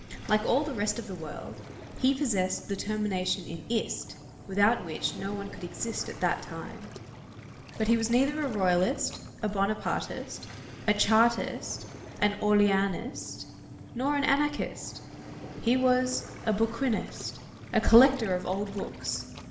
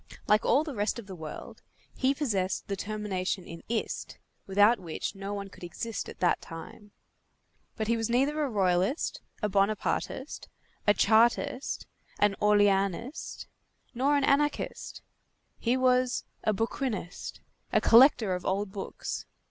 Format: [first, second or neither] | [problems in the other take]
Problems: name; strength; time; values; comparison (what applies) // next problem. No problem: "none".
second | background sound (Waves, surf); 15 dB below the speech // room echo; dies away in 0.9 s